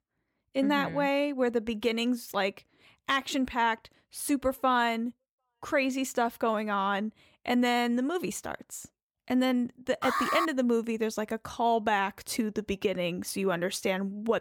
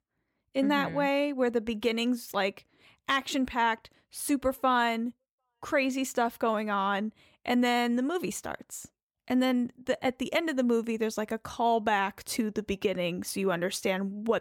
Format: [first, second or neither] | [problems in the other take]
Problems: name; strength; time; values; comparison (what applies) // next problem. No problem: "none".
second | alarm; loud; at 10 s; peak 1 dB above the speech